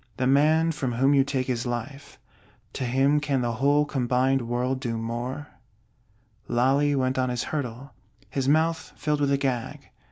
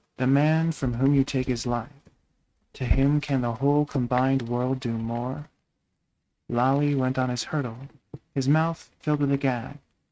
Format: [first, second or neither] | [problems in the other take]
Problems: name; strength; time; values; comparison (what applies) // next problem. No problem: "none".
first | noise reduction (neural mask model RNNoise)